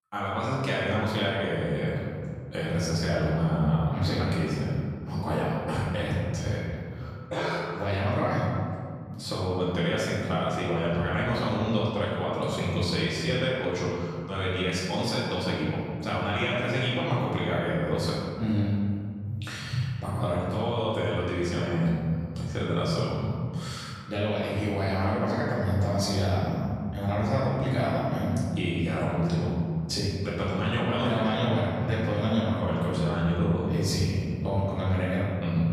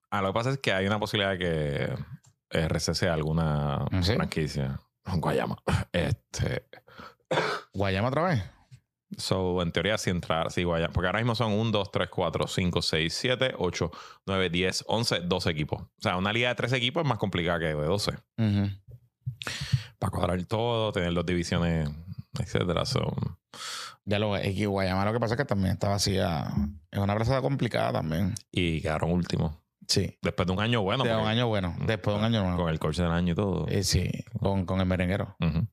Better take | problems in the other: second | off-mic speech; far // room echo; strong; dies away in 2.1 s

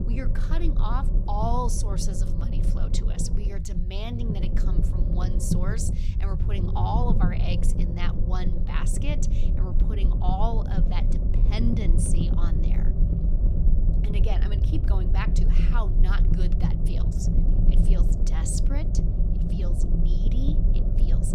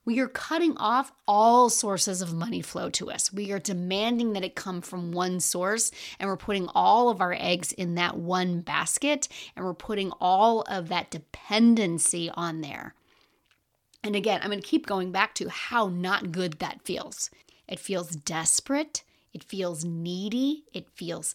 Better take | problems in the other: second | low rumble; loud; throughout; 4 dB below the speech

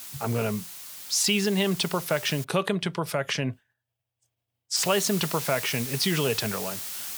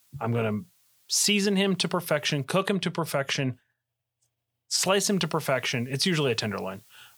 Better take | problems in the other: second | hiss; loud; until 2.5 s and from 5 s on; 7 dB below the speech; faint in the second

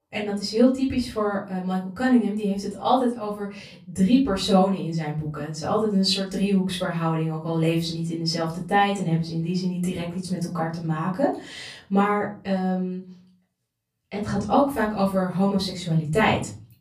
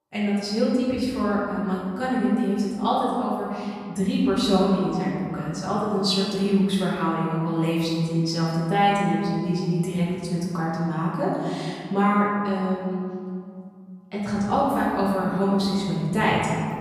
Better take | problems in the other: first | room echo; strong; dies away in 2.3 s; slight in the first // off-mic speech; far; far in the first

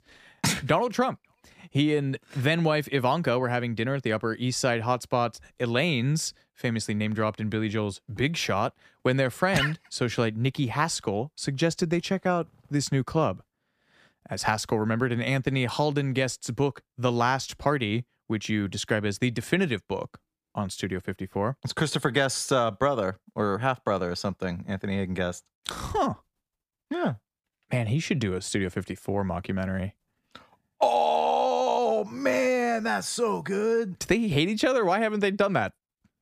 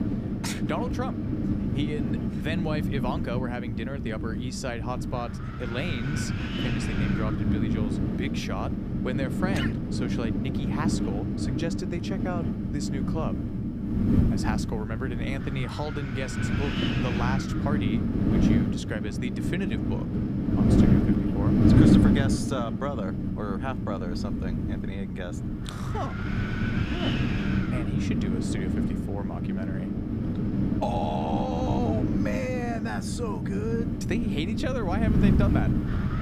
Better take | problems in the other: first | wind noise on the microphone; heavy; 1 dB above the speech

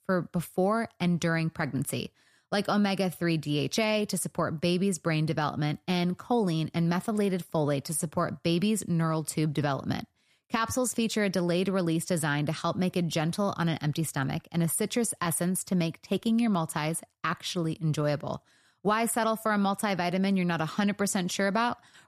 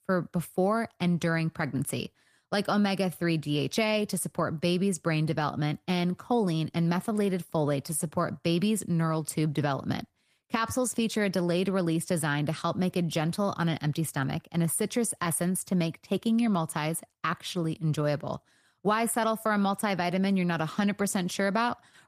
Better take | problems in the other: first | garbled, watery; slightly

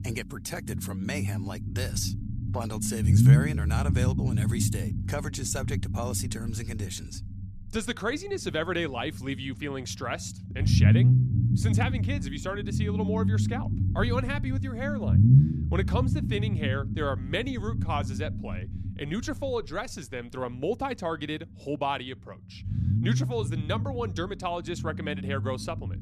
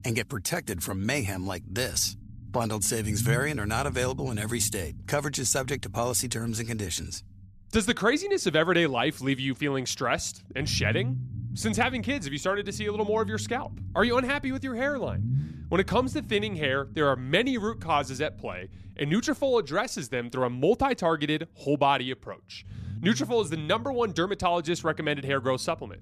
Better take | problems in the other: second | low rumble; loud; throughout; 4 dB below the speech; faint in the second

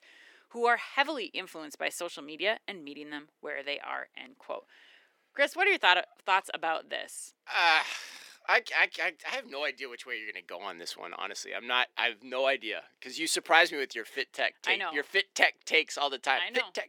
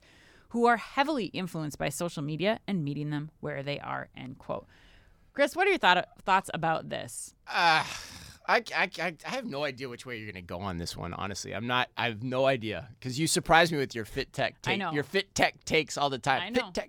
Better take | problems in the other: second | thin; somewhat; fading below 350 Hz

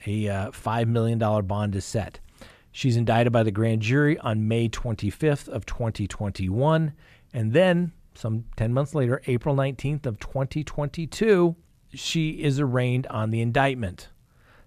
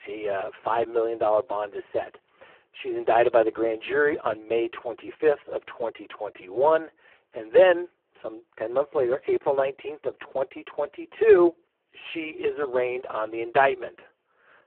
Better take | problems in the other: first | phone-call audio; poor line

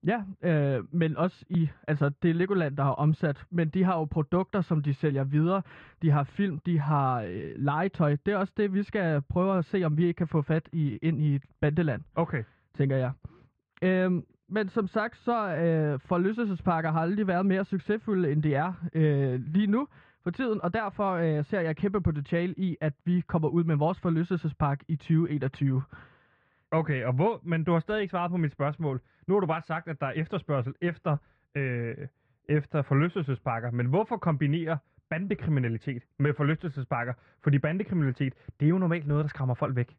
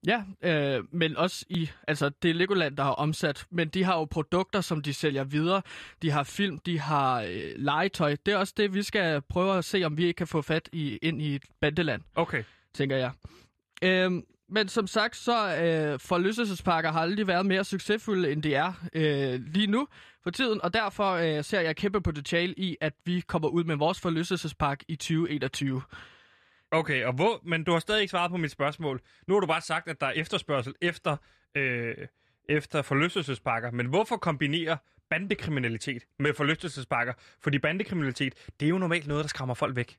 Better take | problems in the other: second | muffled; very; fading above 1.5 kHz

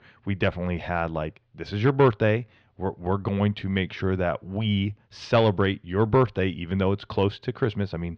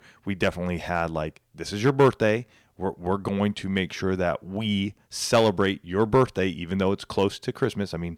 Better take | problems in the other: second | muffled; slightly; fading above 4 kHz

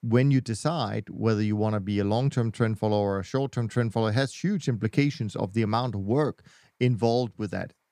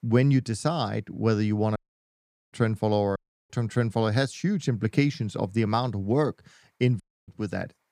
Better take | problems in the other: first | audio cutting out; at 2 s for 1 s, at 3 s and at 7 s

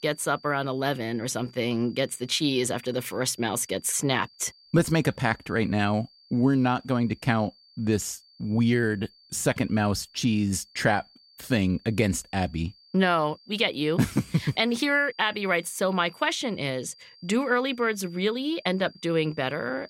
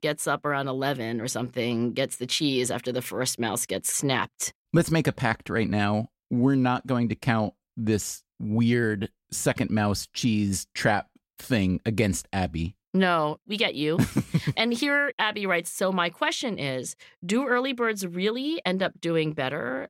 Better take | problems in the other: second | high-pitched whine; faint; throughout; 4.5 kHz, 25 dB below the speech

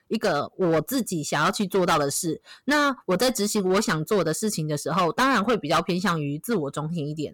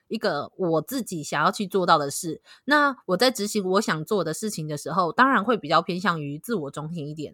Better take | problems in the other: second | distortion; heavy; 11% of the sound clipped

